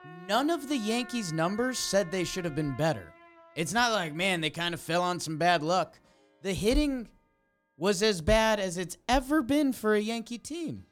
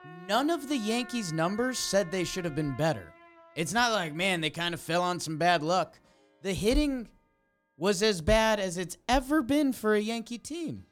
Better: neither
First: background music; faint; throughout; 20 dB below the speech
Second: background music; faint; throughout; 20 dB below the speech

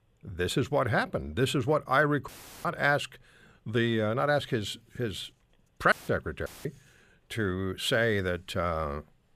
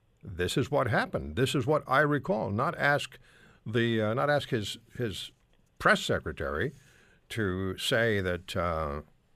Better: second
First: audio cutting out; filled with static; at 2.5 s, at 6 s and at 6.5 s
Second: none

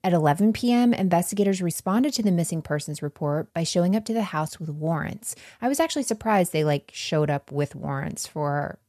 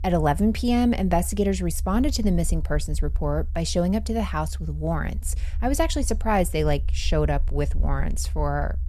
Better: first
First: none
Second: low rumble; faint; throughout; 25 dB below the speech

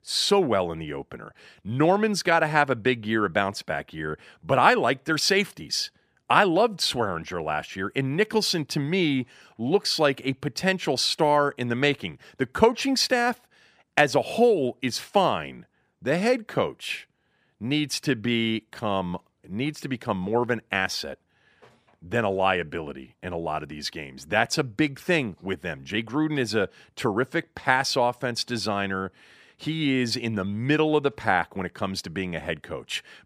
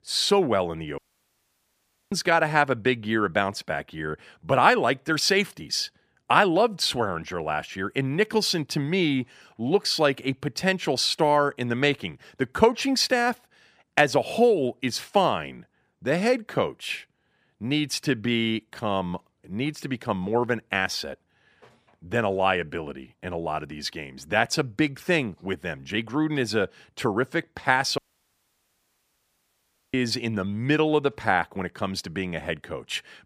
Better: first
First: none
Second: audio cutting out; at 1 s for 1 s and at 28 s for 2 s

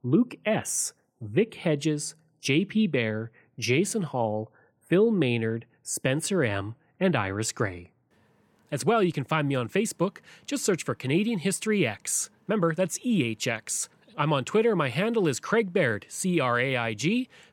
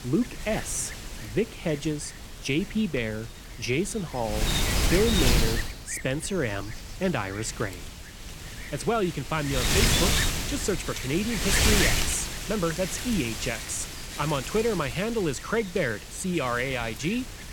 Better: first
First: none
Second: wind noise on the microphone; heavy; 1 dB above the speech

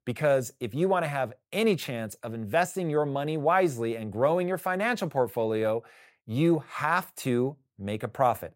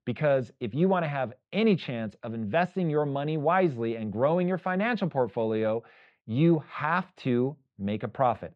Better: first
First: none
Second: muffled; slightly; fading above 3.5 kHz

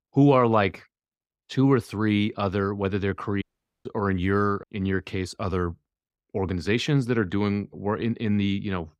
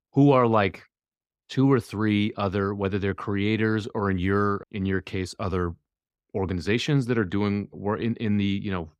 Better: second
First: audio cutting out; at 3.5 s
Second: none

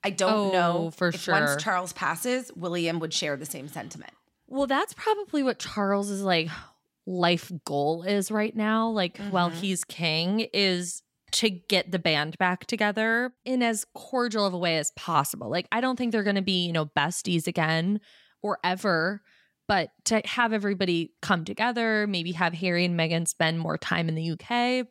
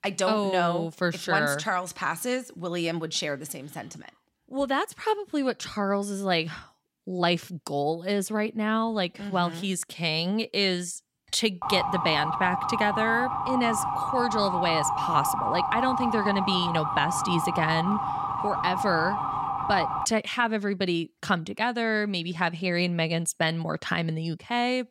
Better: first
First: none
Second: siren; loud; from 12 to 20 s; peak 1 dB above the speech

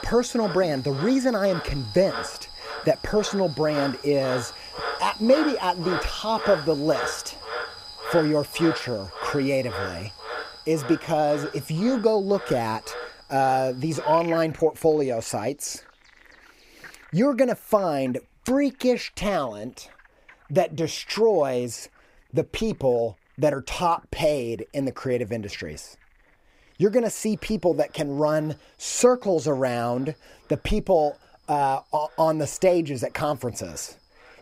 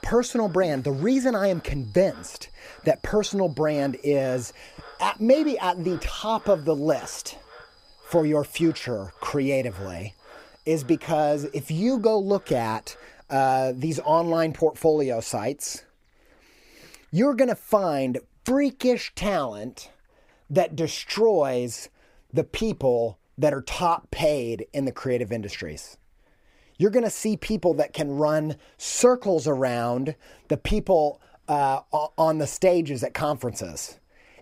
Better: second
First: animal sounds; loud; throughout; 10 dB below the speech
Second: animal sounds; faint; throughout; 25 dB below the speech

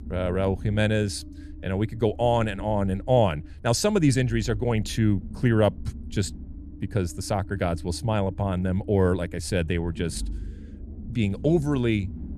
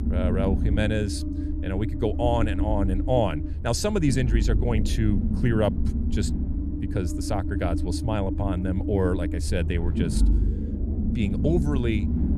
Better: first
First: low rumble; faint; throughout; 20 dB below the speech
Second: low rumble; loud; throughout; 7 dB below the speech

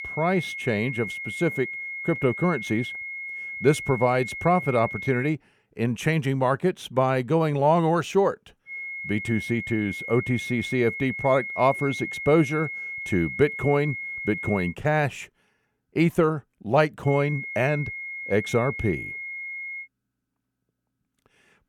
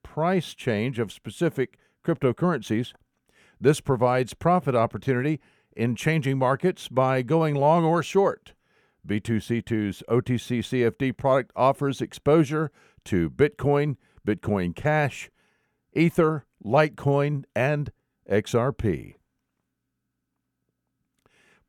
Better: second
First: high-pitched whine; loud; until 5.5 s, from 8.5 to 15 s and from 17 to 20 s; 2 kHz, 7 dB below the speech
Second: none

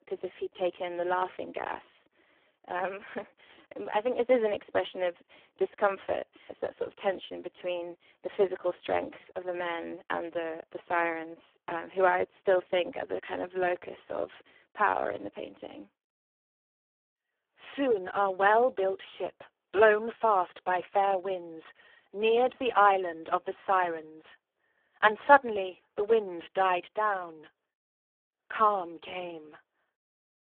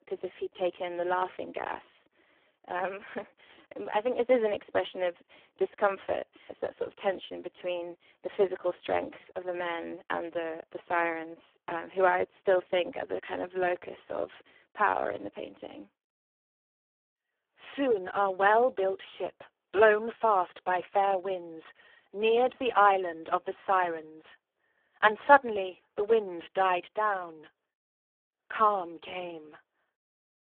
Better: neither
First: phone-call audio; poor line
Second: phone-call audio; poor line

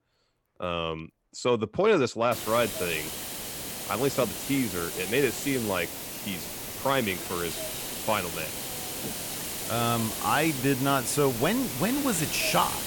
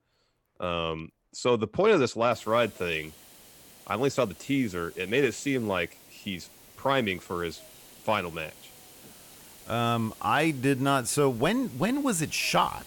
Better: second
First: hiss; loud; from 2.5 s on; 5 dB below the speech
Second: hiss; faint; from 2.5 s on; 20 dB below the speech

